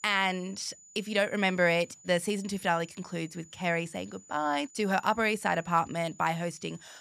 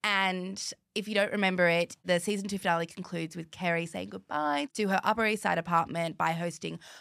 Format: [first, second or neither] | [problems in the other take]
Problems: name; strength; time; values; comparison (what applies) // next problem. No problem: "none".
second | high-pitched whine; faint; throughout; 7 kHz, 25 dB below the speech